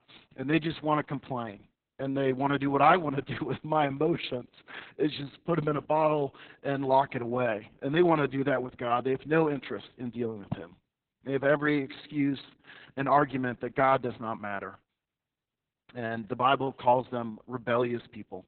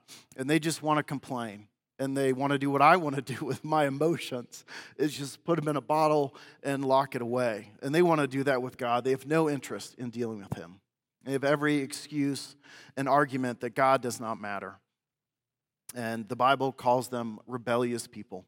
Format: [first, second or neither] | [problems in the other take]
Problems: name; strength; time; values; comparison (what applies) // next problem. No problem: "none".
second | garbled, watery; badly; nothing above 4 kHz